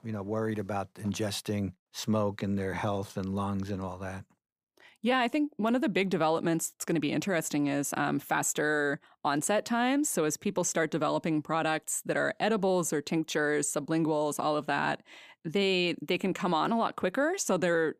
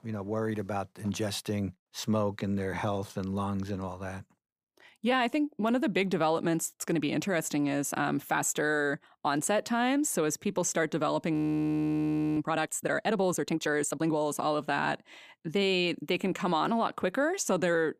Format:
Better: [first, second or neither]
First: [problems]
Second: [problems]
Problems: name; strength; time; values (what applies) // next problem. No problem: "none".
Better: first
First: none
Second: audio freezing; at 11 s for 1 s